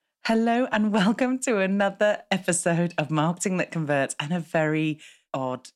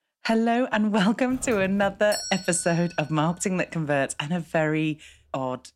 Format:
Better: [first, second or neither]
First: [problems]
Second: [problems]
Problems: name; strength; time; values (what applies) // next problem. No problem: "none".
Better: first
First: none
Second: doorbell; noticeable; from 1.5 to 3.5 s; peak 6 dB below the speech